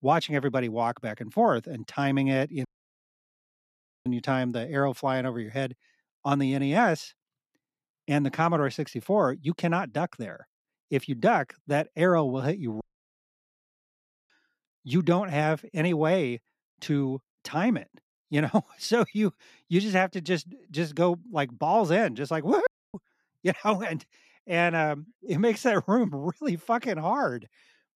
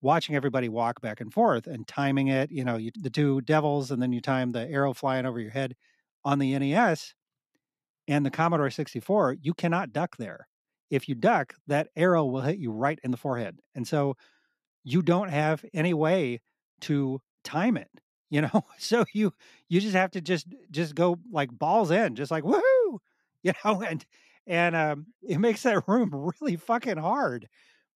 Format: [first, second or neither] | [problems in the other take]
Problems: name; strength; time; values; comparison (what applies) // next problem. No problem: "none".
second | audio cutting out; at 2.5 s for 1.5 s, at 13 s for 1.5 s and at 23 s